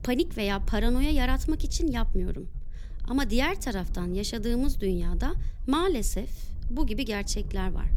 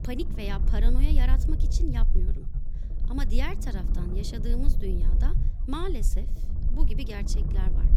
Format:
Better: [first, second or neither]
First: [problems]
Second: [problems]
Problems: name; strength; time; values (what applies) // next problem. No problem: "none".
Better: first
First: low rumble; faint; throughout; 25 dB below the speech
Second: low rumble; loud; throughout; 8 dB below the speech